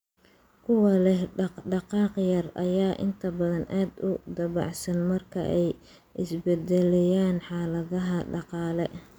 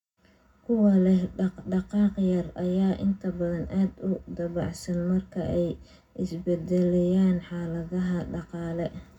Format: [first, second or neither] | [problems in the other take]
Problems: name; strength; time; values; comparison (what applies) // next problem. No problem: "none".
first | room echo; dies away in 0.3 s